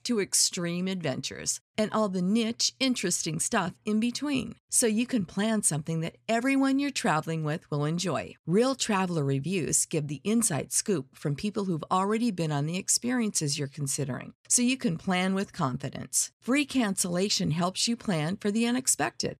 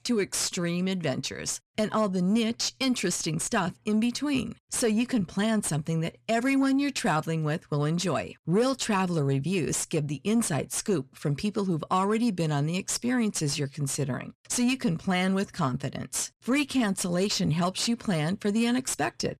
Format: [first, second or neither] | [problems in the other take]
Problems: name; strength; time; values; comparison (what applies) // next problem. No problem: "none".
first | distortion; slight; 10 dB below the speech